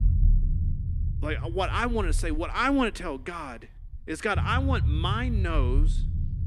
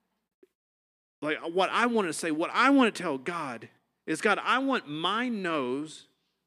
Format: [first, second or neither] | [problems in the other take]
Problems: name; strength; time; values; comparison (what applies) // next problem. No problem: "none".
second | low rumble; noticeable; throughout; 15 dB below the speech